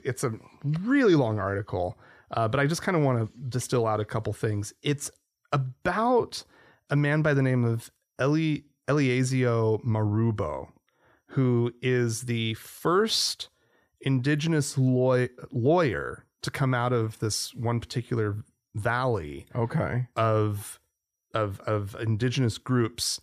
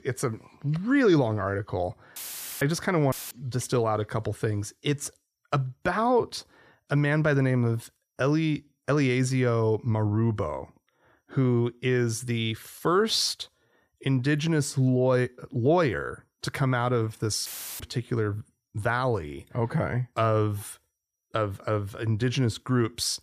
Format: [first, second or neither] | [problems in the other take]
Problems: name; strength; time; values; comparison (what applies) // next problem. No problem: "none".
first | audio cutting out; filled with static; at 2 s, at 3 s and at 17 s